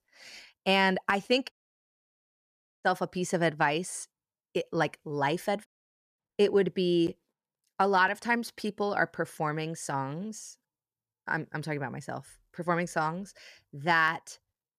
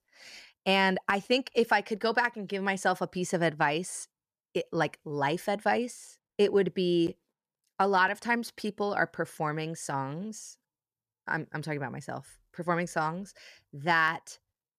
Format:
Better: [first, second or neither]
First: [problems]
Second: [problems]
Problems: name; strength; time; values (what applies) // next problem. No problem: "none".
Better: second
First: audio cutting out; at 1.5 s for 1.5 s and at 5.5 s for 0.5 s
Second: none